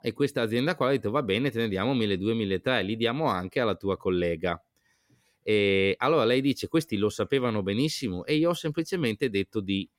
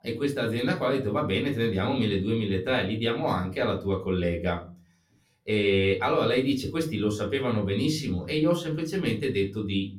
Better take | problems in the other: first | off-mic speech; far // room echo; very slight; dies away in 0.3 s

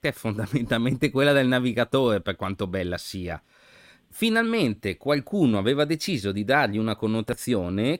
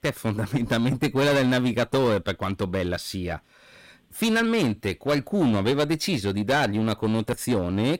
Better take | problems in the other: first | distortion; slight; 11% of the sound clipped

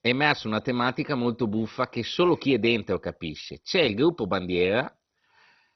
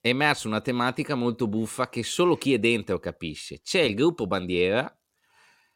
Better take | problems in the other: second | garbled, watery; badly; nothing above 5.5 kHz

